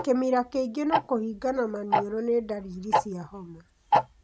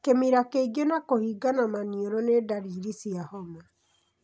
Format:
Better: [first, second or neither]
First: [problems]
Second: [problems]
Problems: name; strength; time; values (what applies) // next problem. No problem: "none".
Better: second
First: background sound (Tick-tock); 2 dB below the speech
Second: none